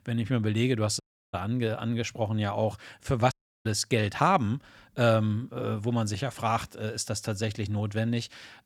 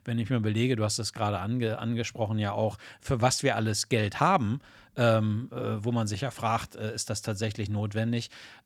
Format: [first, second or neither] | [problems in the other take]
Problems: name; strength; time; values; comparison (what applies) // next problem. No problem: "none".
second | audio cutting out; at 1 s and at 3.5 s